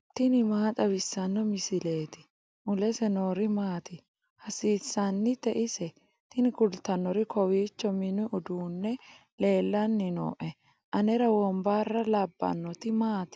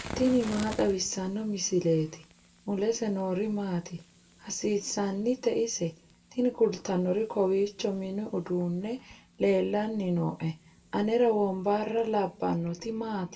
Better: first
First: none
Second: background sound (Fire); 20 dB below the speech // room echo; dies away in 0.2 s

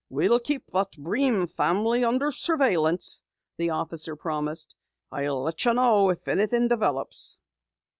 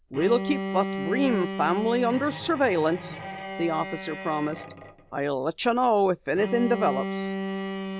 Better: first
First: none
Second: background sound (Bowed string instrument); 7 dB below the speech

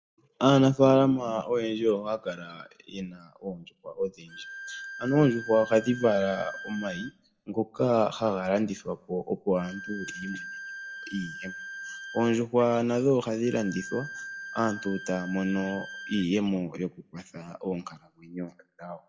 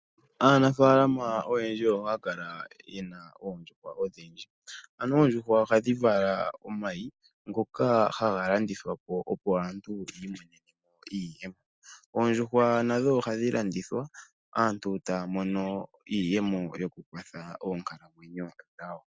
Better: second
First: background sound (Bowed string instrument); 13 dB below the speech // room echo; dies away in 0.3 s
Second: none

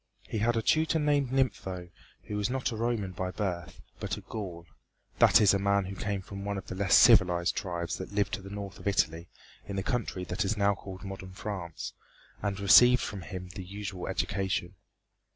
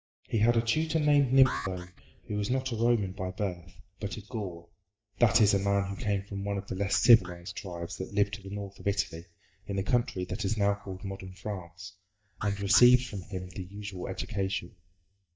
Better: first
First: none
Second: noise reduction (neural mask model DeepFilterNet 3)

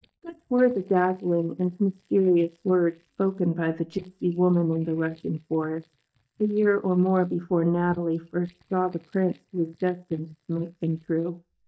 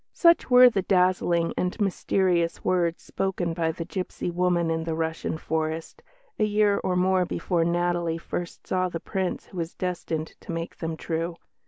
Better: second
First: noise reduction (neural mask model DeepFilterNet 3)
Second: none

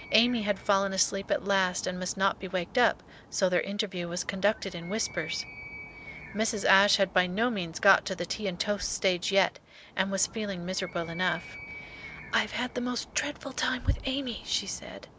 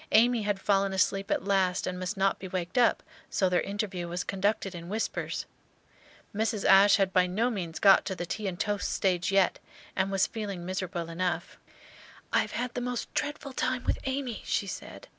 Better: second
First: background sound (Animal); 18 dB below the speech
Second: none

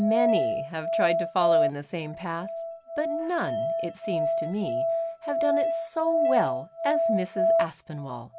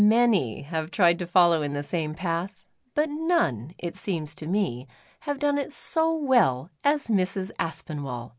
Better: second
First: background sound (Musical instrument); 4 dB above the speech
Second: none

